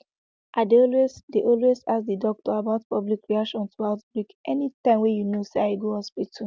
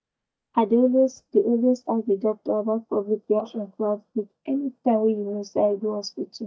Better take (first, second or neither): first